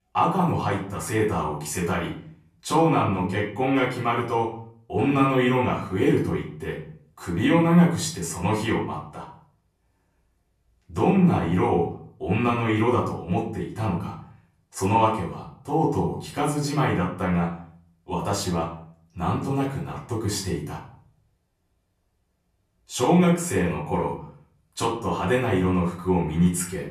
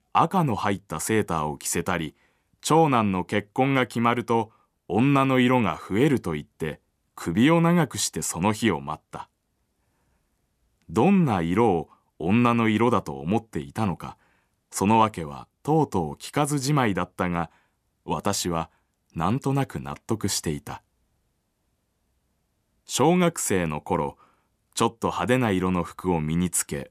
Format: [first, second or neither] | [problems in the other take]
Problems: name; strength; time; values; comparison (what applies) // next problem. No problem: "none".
second | room echo; slight; dies away in 0.5 s // off-mic speech; far